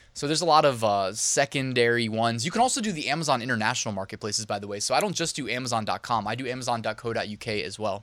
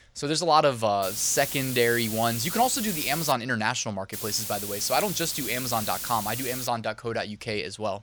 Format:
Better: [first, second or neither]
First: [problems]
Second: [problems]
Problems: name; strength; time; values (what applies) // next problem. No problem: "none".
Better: first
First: none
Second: hiss; loud; from 1 to 3.5 s and from 4 to 6.5 s; 5 dB below the speech